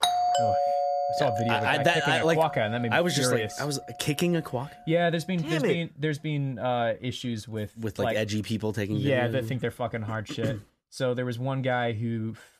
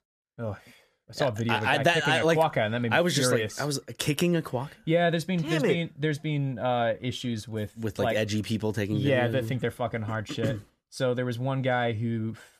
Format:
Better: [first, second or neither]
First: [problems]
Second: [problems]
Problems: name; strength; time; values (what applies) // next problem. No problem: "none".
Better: second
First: doorbell; loud; until 2.5 s; peak 4 dB above the speech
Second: none